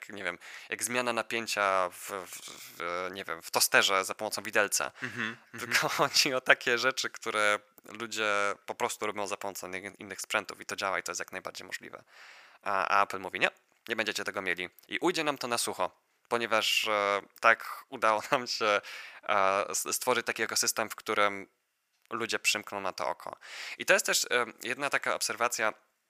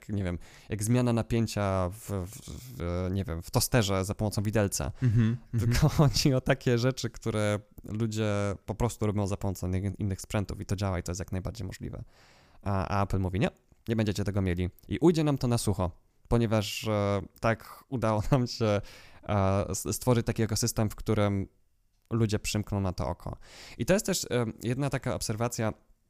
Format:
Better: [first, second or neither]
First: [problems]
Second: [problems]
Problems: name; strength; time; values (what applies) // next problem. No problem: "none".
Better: second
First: thin; very; fading below 600 Hz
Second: none